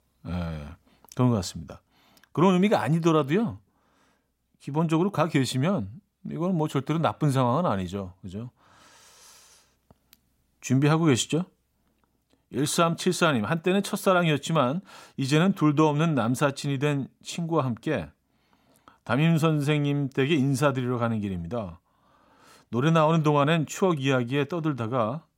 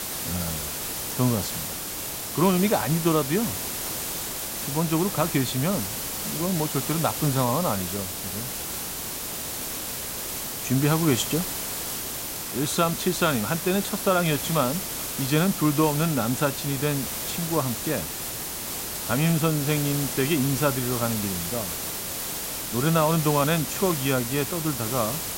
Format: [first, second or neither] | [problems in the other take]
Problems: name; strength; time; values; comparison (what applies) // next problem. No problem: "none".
first | hiss; loud; throughout; 3 dB below the speech